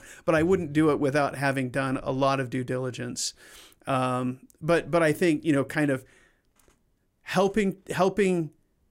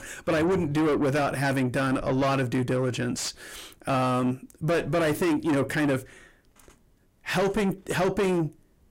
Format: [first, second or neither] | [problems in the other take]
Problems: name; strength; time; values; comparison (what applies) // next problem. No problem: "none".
first | distortion; heavy; 6 dB below the speech